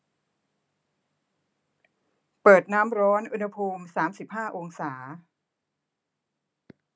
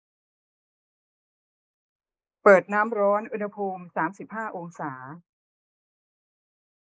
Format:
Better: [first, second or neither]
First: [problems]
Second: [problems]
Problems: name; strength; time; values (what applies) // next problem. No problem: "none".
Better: first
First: none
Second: noise reduction (neural mask model Resemble Enhance denoiser)